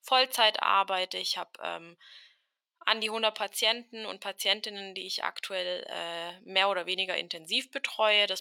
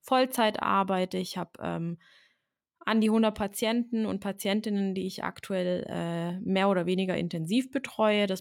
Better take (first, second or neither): second